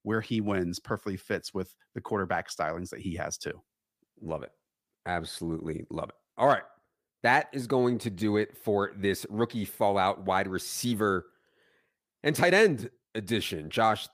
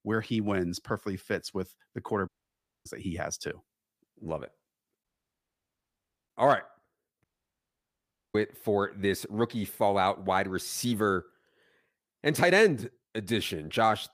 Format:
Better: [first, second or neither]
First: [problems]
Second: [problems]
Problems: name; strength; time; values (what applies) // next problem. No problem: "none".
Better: first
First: none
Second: audio cutting out; at 2.5 s for 0.5 s, at 5 s for 1.5 s and at 7 s for 1 s